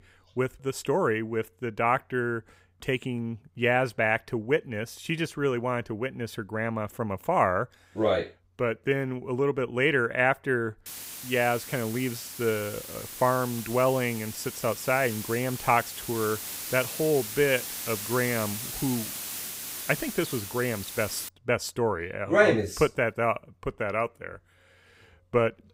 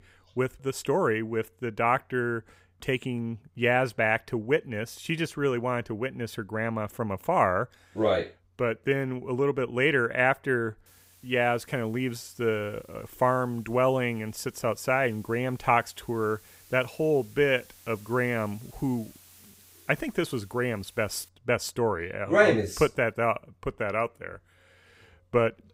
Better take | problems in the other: second | hiss; loud; from 11 to 21 s; 7 dB below the speech; faint in the second

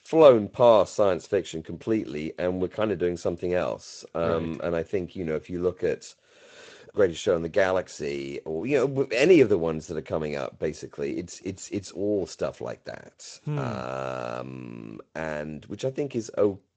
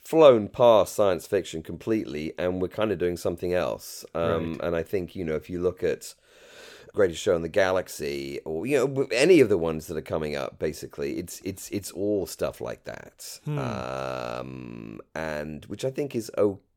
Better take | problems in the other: second | garbled, watery; slightly; nothing above 7.5 kHz

